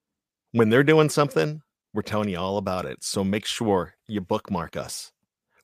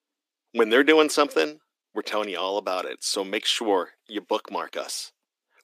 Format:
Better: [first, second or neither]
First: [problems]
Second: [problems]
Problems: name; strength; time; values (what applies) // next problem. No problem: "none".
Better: first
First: none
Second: thin; somewhat; fading below 300 Hz